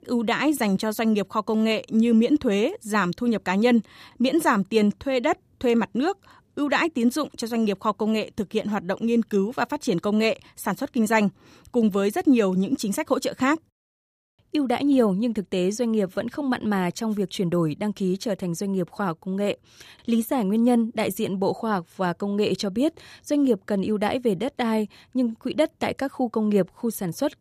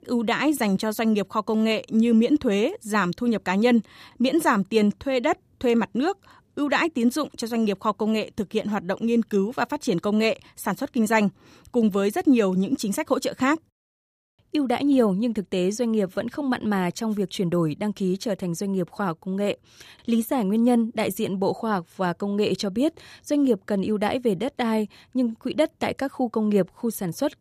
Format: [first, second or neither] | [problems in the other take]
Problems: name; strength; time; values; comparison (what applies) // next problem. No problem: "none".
neither | none